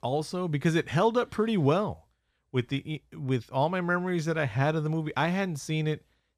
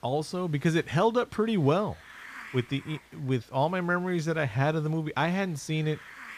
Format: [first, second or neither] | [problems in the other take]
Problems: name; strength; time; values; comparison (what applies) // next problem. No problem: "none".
first | hiss; faint; throughout; 20 dB below the speech